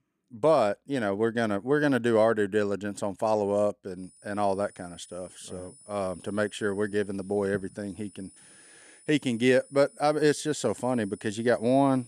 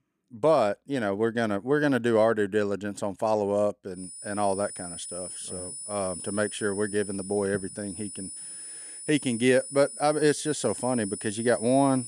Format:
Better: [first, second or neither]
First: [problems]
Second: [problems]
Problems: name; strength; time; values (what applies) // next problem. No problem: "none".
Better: first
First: high-pitched whine; faint; from 4 s on; 9.5 kHz, 25 dB below the speech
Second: high-pitched whine; loud; from 4 s on; 9.5 kHz, 10 dB below the speech